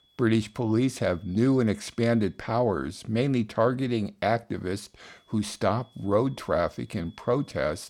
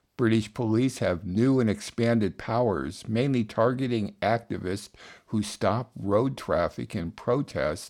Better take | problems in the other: second | high-pitched whine; faint; until 2.5 s and from 5 s on; 3.5 kHz, 35 dB below the speech

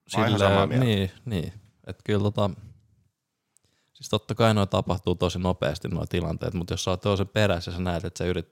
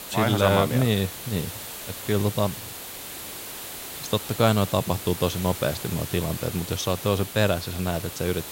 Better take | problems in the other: first | hiss; loud; throughout; 9 dB below the speech

